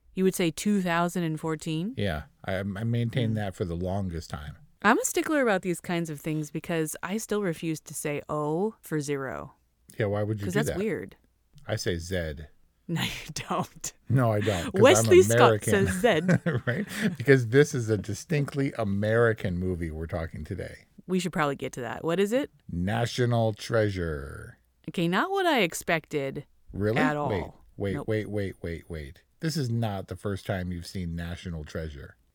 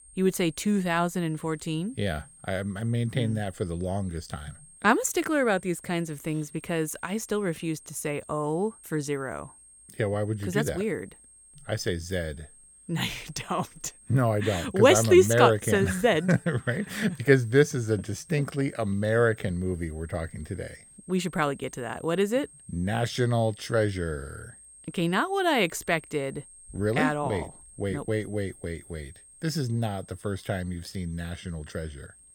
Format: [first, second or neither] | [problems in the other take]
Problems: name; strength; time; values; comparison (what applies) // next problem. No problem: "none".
first | high-pitched whine; faint; throughout; 8.5 kHz, 20 dB below the speech